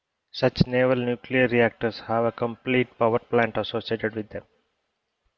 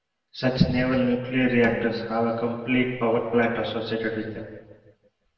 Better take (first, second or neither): first